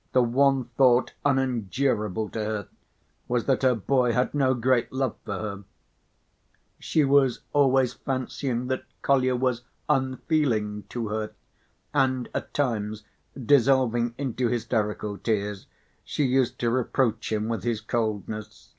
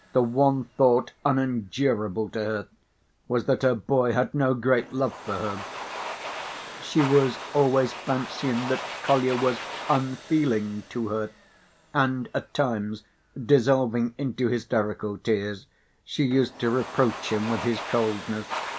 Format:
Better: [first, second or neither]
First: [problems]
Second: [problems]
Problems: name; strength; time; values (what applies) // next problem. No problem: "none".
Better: first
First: none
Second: background sound (Domestic sounds, home sounds); 13 dB below the speech